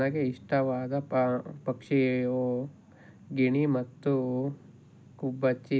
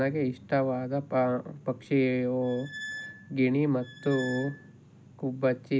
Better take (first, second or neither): first